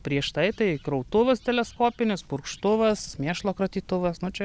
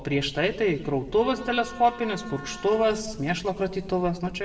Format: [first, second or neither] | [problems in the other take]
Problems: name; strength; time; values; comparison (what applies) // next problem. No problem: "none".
first | background sound (Wind instrument, woodwind instrument); 17 dB below the speech // room echo; dies away in 1.1 s